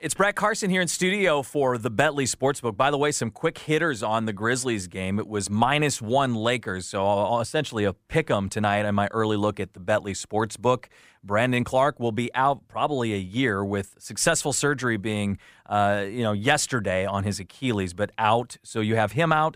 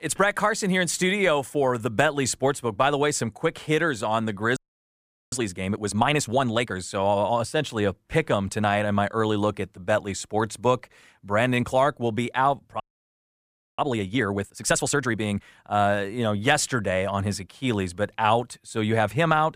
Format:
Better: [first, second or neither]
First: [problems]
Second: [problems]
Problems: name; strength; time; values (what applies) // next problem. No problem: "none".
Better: first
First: none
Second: audio freezing; at 4.5 s for 1 s and at 13 s for 1 s